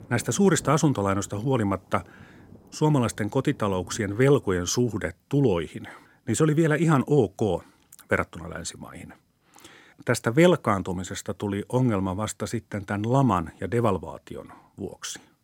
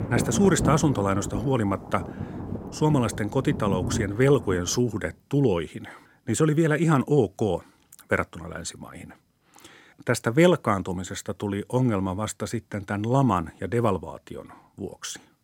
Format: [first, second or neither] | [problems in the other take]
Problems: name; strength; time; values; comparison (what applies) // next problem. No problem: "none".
first | rain or running water; loud; until 4.5 s; 7 dB below the speech; faint in the first